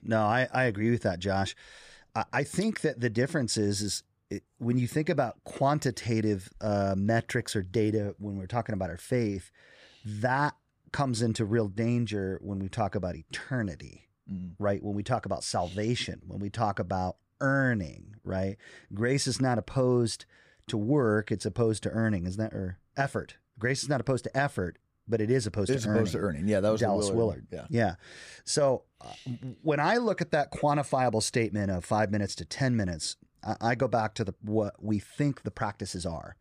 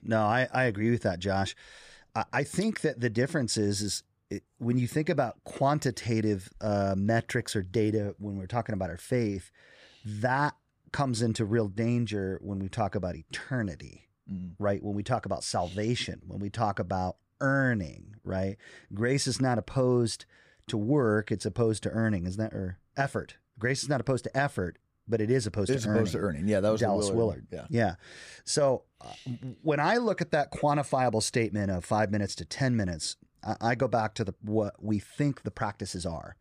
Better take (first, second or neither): neither